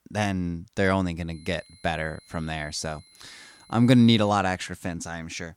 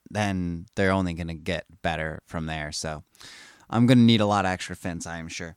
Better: second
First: high-pitched whine; faint; from 1.5 to 4.5 s; 4 kHz, 30 dB below the speech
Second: none

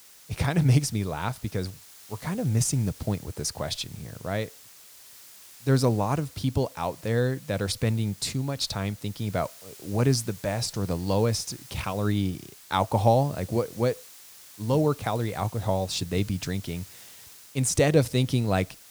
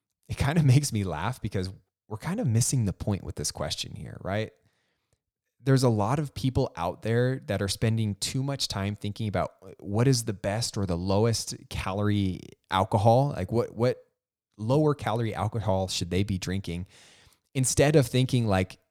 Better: second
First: hiss; noticeable; throughout; 20 dB below the speech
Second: none

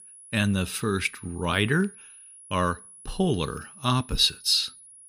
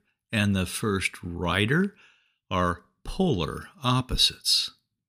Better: second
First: high-pitched whine; noticeable; throughout; 10.5 kHz, 20 dB below the speech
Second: none

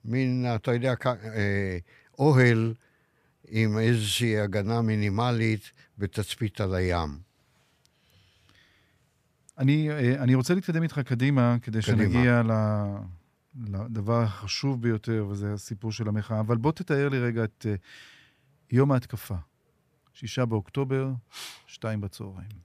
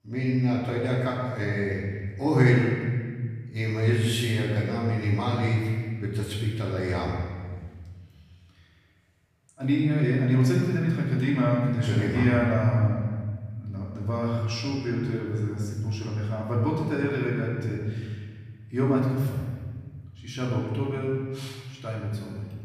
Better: first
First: none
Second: room echo; noticeable; dies away in 1.7 s // off-mic speech; far

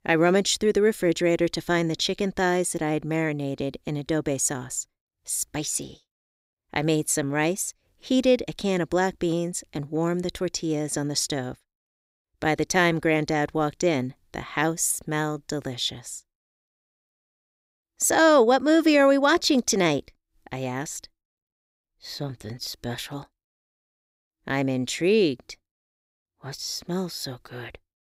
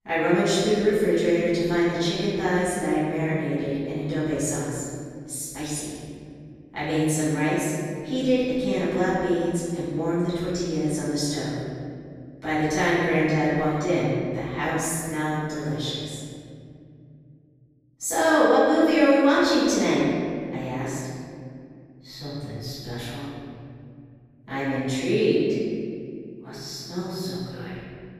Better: first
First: none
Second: off-mic speech; far // room echo; strong; dies away in 2.6 s

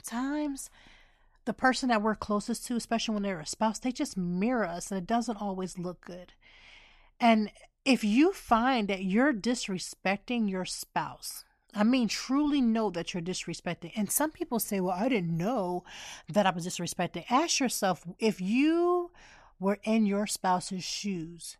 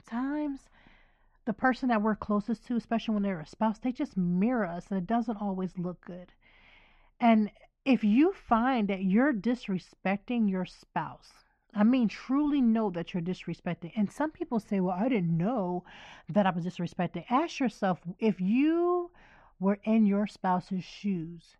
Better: first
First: none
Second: muffled; very; fading above 2.5 kHz

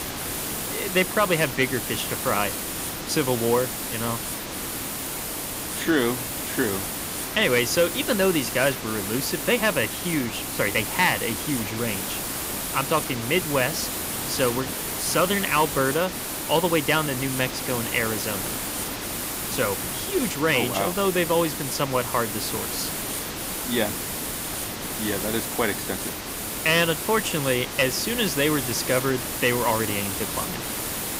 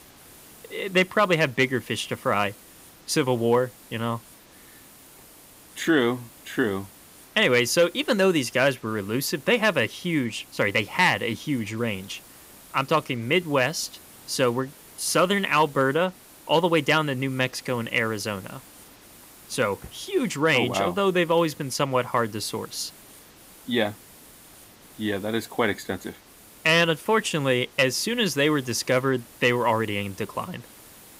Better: second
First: hiss; loud; throughout; 3 dB below the speech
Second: hiss; faint; throughout; 25 dB below the speech

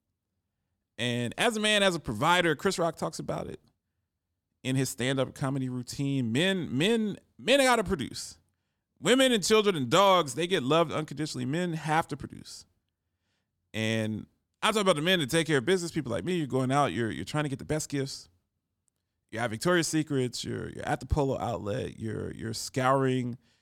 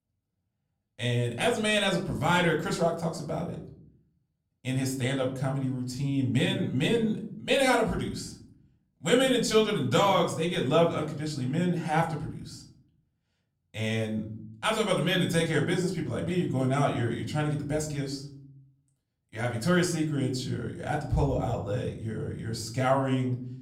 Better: first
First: none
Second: off-mic speech; far // room echo; slight; dies away in 0.7 s

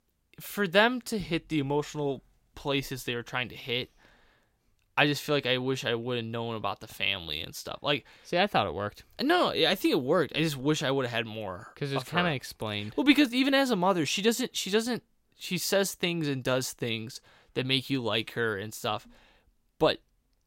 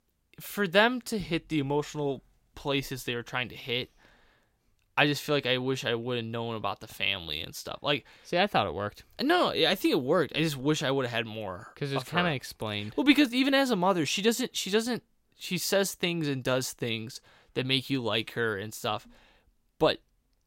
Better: neither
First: none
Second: none

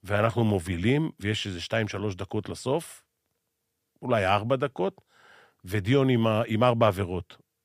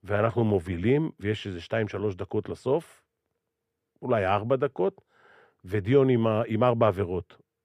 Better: first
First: none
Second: muffled; slightly; fading above 3 kHz

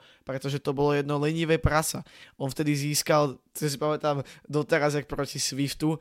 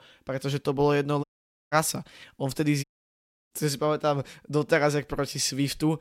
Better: first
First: none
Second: audio cutting out; at 1 s and at 3 s for 0.5 s

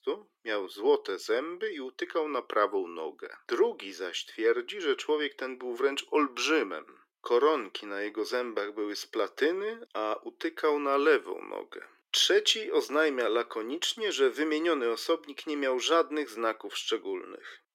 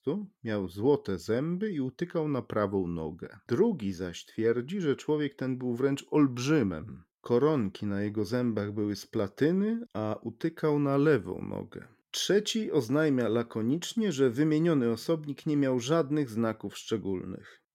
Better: second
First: thin; very; fading below 350 Hz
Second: none

